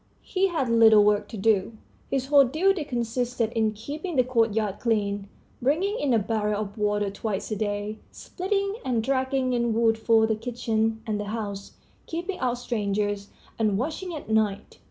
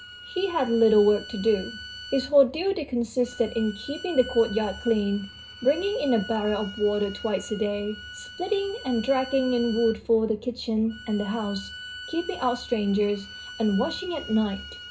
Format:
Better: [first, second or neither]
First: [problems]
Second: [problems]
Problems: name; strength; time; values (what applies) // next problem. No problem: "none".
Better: first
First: none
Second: background sound (Bowed string instrument); 16 dB below the speech // room echo; dies away in 0.2 s